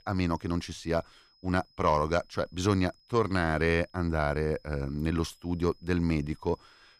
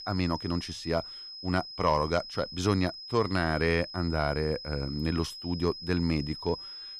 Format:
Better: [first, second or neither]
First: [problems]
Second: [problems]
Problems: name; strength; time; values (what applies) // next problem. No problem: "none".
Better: first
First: high-pitched whine; faint; throughout; 5 kHz, 30 dB below the speech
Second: high-pitched whine; loud; throughout; 5 kHz, 10 dB below the speech